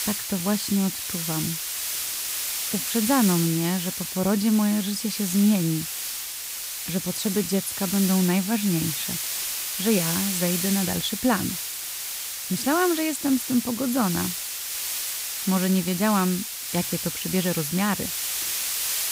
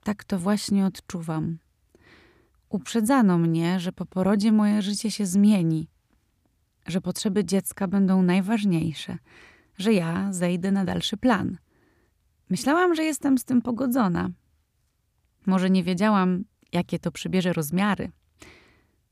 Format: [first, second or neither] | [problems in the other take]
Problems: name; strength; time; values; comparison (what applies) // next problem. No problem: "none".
second | hiss; loud; throughout; 2 dB below the speech